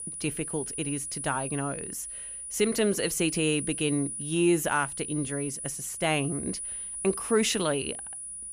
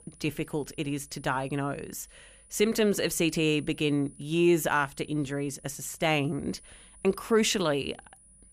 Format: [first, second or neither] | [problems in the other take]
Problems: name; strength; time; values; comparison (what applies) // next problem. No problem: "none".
second | high-pitched whine; loud; throughout; 9.5 kHz, 5 dB below the speech; faint in the second